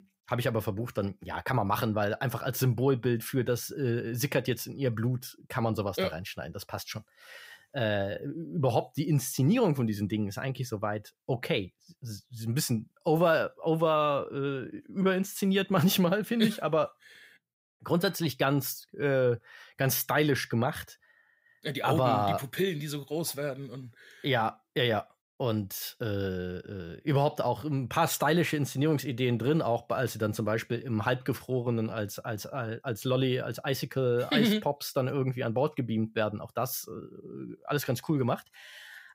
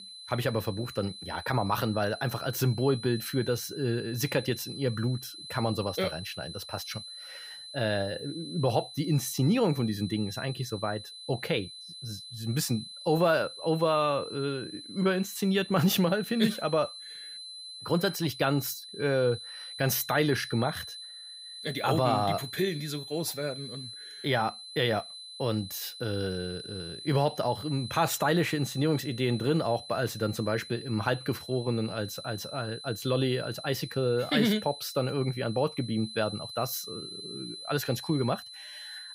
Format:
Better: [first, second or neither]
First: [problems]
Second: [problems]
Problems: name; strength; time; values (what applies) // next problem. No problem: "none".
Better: first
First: none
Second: high-pitched whine; noticeable; throughout; 4 kHz, 10 dB below the speech